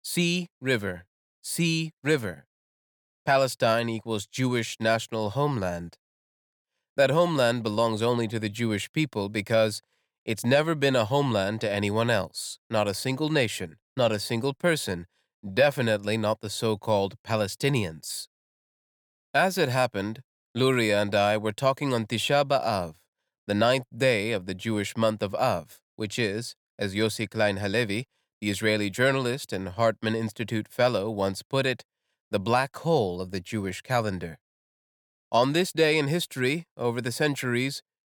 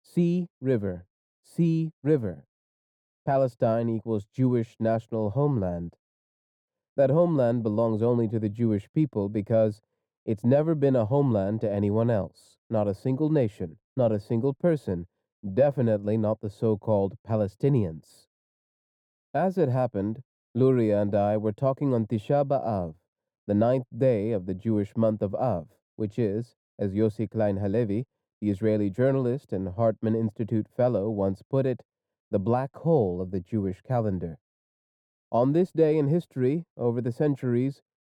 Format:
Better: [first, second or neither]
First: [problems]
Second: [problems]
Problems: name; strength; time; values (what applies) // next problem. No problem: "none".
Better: first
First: none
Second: muffled; very; fading above 1 kHz